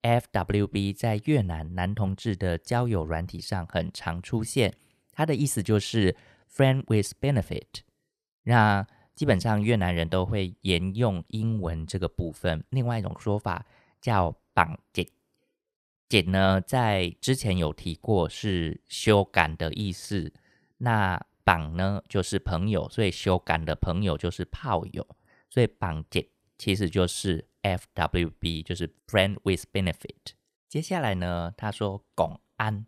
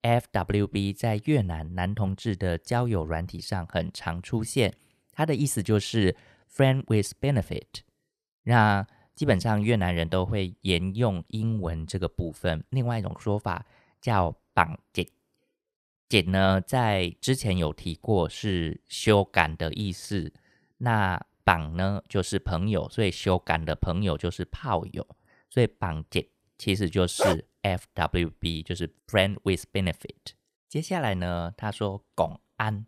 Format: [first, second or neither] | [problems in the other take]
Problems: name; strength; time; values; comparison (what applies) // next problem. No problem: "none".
first | dog barking; loud; at 27 s; peak 1 dB above the speech